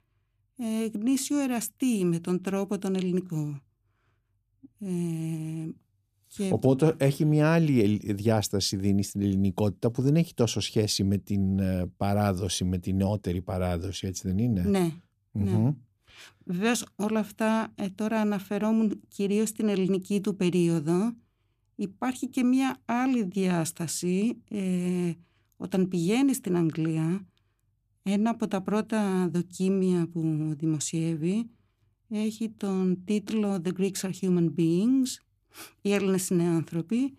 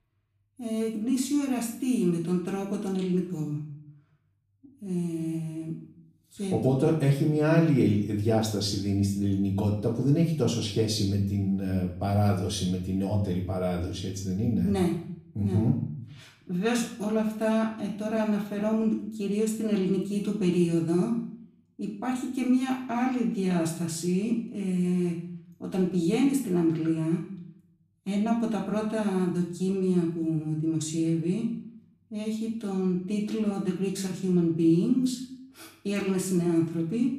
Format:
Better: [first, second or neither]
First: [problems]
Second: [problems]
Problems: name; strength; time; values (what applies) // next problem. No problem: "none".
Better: first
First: none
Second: off-mic speech; far // room echo; noticeable; dies away in 0.5 s